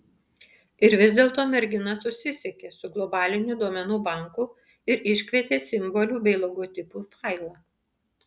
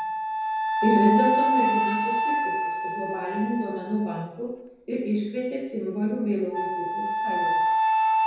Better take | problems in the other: first | background sound (Wind instrument, woodwind instrument); 2 dB above the speech // room echo; dies away in 0.9 s

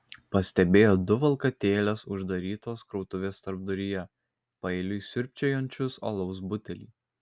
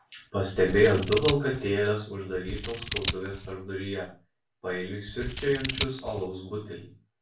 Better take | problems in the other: first | background sound (Scissors); 7 dB below the speech // room echo; dies away in 0.3 s

